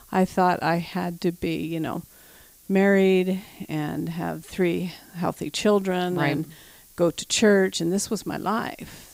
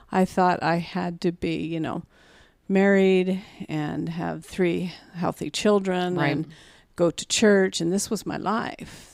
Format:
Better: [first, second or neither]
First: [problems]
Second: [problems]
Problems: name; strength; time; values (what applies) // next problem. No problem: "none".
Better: second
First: hiss; faint; throughout; 25 dB below the speech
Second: none